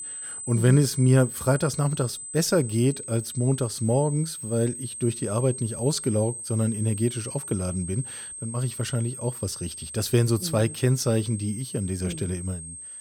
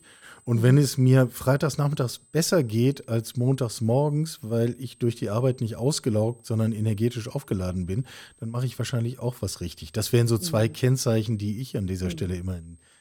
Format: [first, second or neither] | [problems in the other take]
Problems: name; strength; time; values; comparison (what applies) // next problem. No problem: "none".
second | high-pitched whine; loud; throughout; 8.5 kHz, 9 dB below the speech; faint in the second